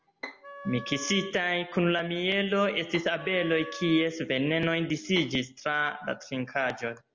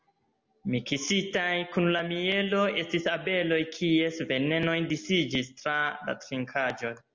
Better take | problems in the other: second | background sound (Bowed string instrument + Wind instrument, woodwind instrument); 15 dB below the speech

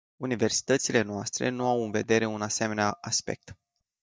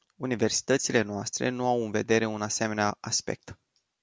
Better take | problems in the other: second | noise reduction (neural mask model DeepFilterNet 3)

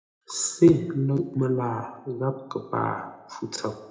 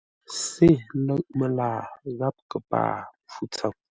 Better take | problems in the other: second | room echo; dies away in 0.7 s

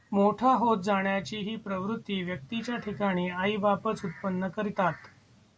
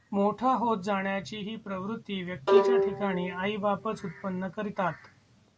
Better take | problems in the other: first | background sound (Bowed string instrument); 1 dB above the speech

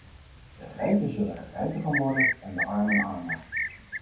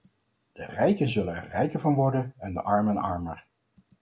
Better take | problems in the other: second | background sound (Cricket); 3 dB below the speech // room echo; dies away in 0.7 s

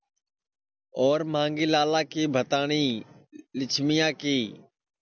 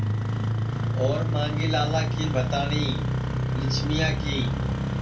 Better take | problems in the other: first | background sound (Engine starting); 5 dB above the speech // room echo; dies away in 0.2 s

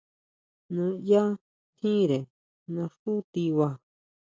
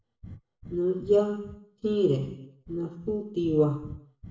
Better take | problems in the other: first | background sound (Breathing); 19 dB below the speech // room echo; dies away in 0.7 s

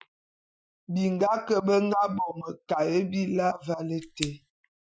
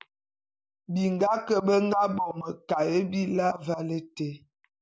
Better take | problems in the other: second | noise reduction (classical method Wiener filter)

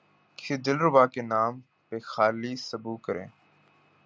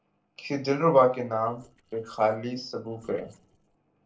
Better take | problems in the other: first | noise reduction (neural separator model SepFormer DNS4)

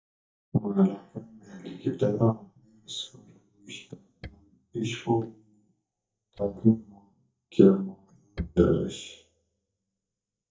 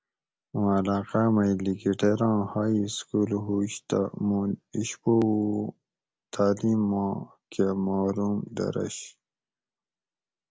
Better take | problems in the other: second | noise reduction (neural mask model DeepFilterNet 3)

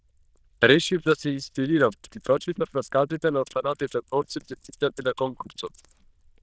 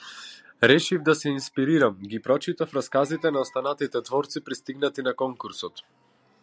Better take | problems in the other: second | noise reduction (neural diffusion model UNIVERSE++)

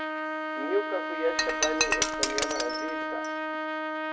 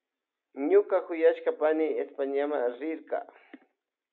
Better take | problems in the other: second | background sound (Shatter + Trumpet); 4 dB above the speech

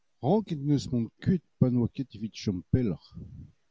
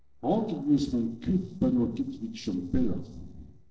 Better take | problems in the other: first | noise reduction (neural separator model SepFormer DNS4)

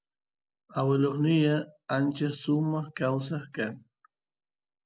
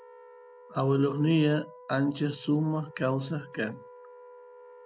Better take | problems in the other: first | background sound (Wind instrument, woodwind instrument); 20 dB below the speech

